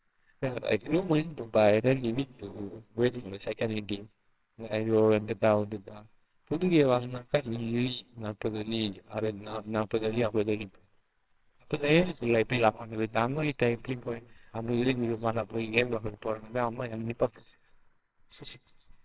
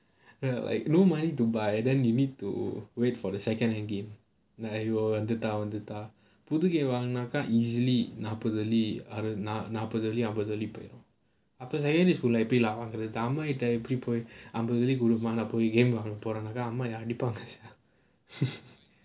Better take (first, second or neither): second